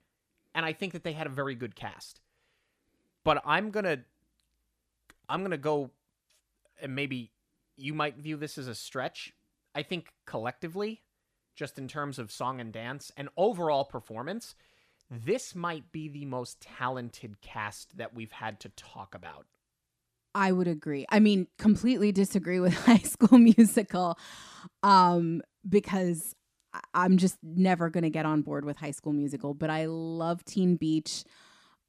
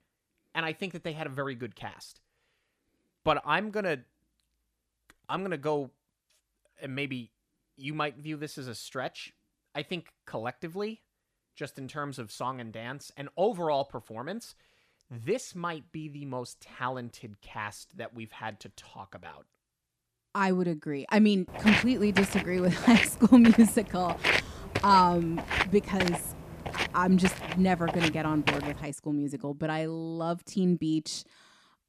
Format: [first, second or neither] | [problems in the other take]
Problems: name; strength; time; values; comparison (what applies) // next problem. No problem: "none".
first | footsteps; loud; from 22 to 29 s; peak 3 dB above the speech